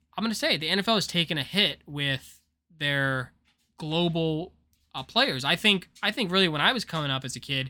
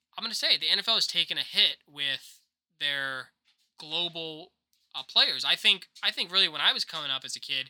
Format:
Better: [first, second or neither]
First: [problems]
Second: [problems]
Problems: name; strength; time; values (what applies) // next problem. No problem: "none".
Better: first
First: none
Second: thin; somewhat; fading below 1 kHz